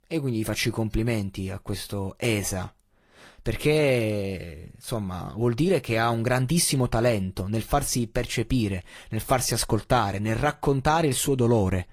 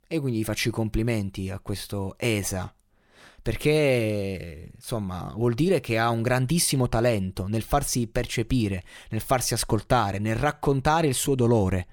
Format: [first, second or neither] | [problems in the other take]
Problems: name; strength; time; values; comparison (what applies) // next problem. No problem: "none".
second | garbled, watery; slightly; nothing above 14.5 kHz